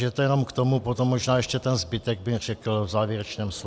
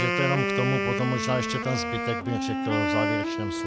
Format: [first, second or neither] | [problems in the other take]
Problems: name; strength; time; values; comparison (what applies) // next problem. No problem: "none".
first | background sound (Wind instrument, woodwind instrument); 1 dB above the speech